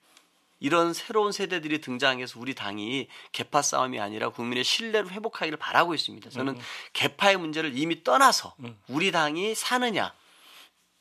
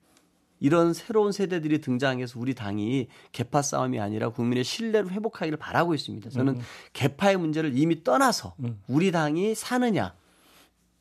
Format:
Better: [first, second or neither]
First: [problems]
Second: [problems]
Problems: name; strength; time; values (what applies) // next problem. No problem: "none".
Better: second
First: thin; somewhat; fading below 650 Hz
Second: none